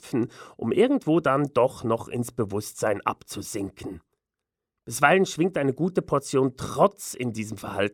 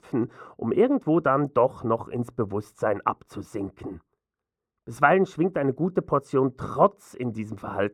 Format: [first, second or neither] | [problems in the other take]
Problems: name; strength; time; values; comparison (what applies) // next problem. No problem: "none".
first | muffled; very; fading above 2.5 kHz